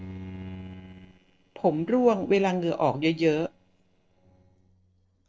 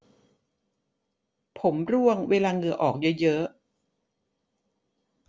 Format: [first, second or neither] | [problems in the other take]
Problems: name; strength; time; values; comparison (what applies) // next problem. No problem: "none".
second | noise reduction (neural separator model SepFormer DNS4)